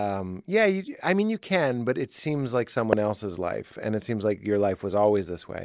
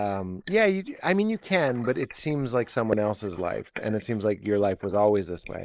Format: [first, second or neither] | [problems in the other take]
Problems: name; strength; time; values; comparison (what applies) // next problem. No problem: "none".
first | noise reduction (neural mask model Resemble Enhance denoiser)